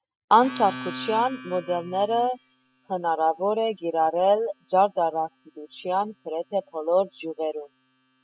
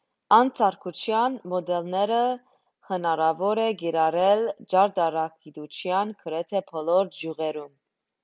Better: second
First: noise reduction (classical method spectral subtraction)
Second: none

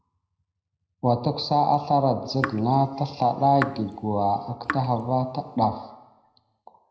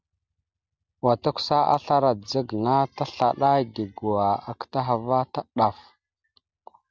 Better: second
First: background sound (Raindrop / Drip); 11 dB below the speech // room echo; dies away in 0.8 s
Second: none

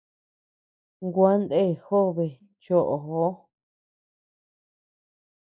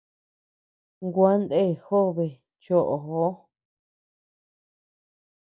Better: second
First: noise reduction (neural mask model Resemble Enhance denoiser)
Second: none

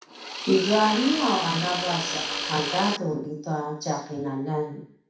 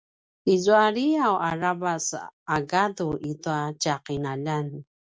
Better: second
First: background sound (Tools); 4 dB below the speech // room echo; dies away in 0.6 s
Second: none

